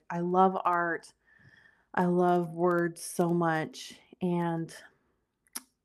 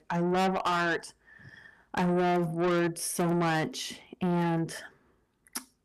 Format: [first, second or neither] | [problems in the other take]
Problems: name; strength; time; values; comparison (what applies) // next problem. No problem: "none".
first | distortion; heavy; 6 dB below the speech